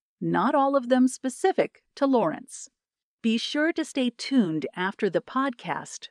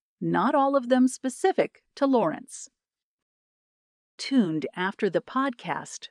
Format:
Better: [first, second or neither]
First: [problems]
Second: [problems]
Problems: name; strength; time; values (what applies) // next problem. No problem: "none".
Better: first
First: none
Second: audio cutting out; at 3 s for 1 s